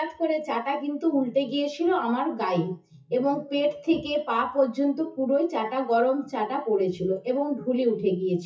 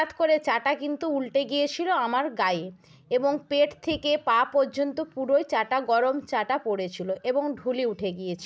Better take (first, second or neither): second